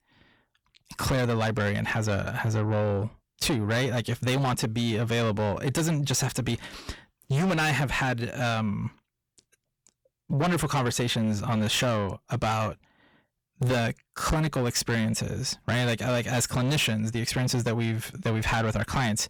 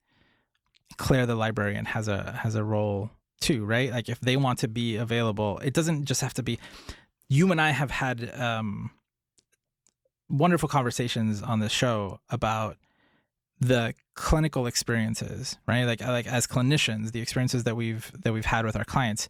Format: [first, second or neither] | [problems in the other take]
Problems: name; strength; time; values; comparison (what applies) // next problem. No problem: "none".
second | distortion; heavy; 8 dB below the speech